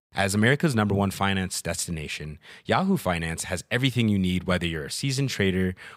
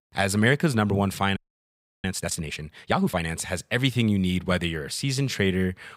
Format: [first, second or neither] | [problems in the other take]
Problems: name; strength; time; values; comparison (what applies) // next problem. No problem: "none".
first | audio freezing; at 1.5 s for 0.5 s